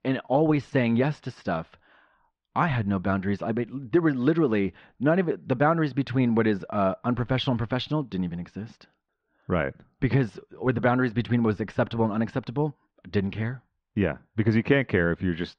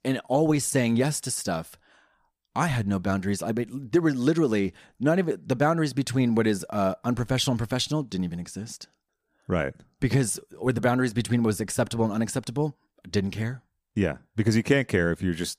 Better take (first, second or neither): second